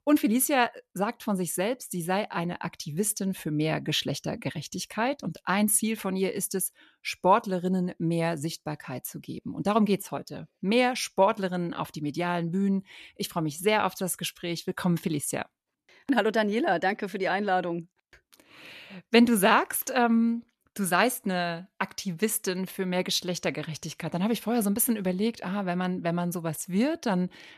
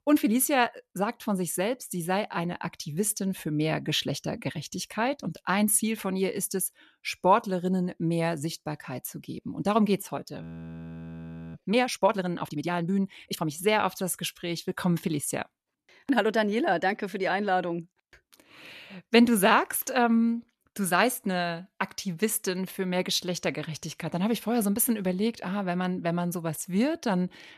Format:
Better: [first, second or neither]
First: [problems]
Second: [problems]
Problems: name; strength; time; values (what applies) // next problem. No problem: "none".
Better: first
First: none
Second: audio freezing; at 10 s for 1 s